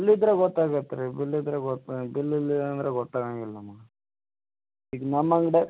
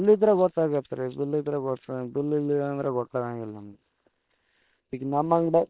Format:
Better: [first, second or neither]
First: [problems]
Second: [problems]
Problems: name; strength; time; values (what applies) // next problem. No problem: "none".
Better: first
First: none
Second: noise reduction (neural separator model SepFormer WHAM!)